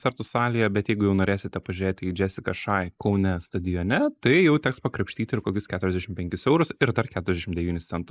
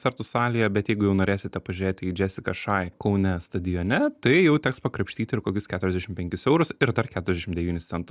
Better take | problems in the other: second | noise reduction (neural mask model Resemble Enhance denoiser)

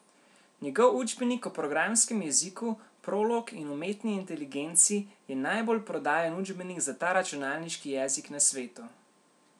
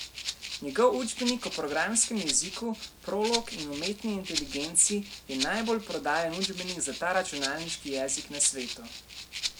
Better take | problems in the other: first | background sound (Rattle (instrument)); 7 dB below the speech

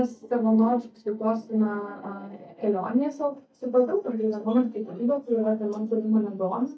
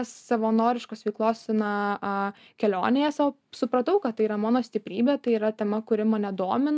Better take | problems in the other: second | noise reduction (neural mask model DeepFilterNet 3)

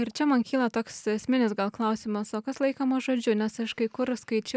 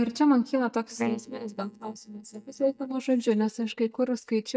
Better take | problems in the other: first | noise reduction (neural mask model DeepFilterNet 3)

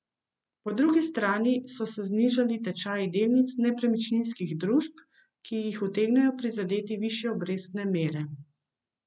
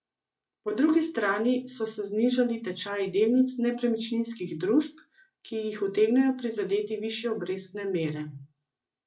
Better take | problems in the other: first | room echo; dies away in 0.2 s

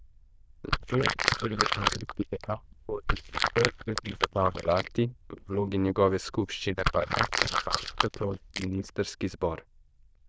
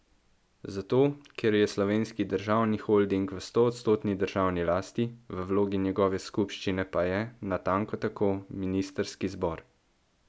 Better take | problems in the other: second | noise reduction (neural diffusion model UNIVERSE++)

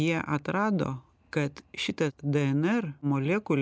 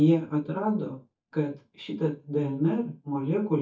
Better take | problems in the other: first | noise reduction (neural mask model DeepFilterNet 3)

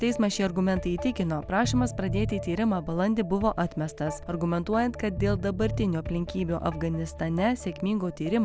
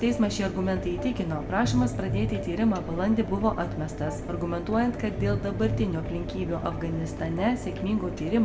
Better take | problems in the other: first | background sound (Mechanisms); 8 dB below the speech // room echo; dies away in 0.5 s

